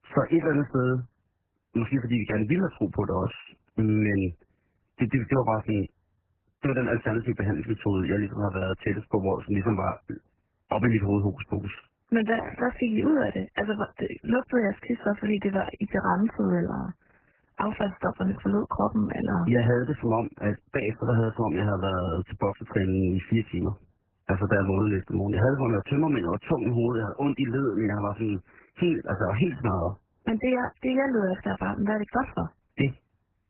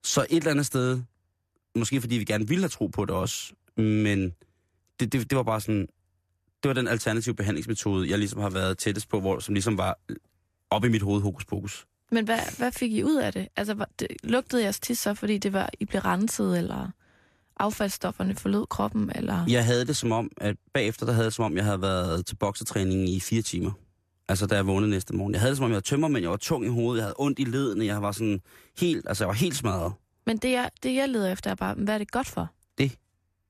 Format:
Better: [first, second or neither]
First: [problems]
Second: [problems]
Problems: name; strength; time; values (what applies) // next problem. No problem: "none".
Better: second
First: garbled, watery; badly; nothing above 3 kHz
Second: none